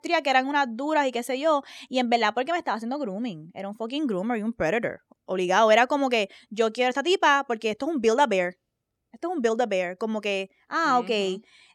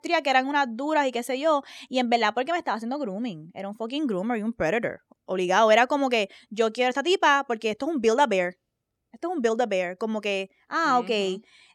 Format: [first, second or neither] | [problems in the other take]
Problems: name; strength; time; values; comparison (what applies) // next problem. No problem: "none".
neither | none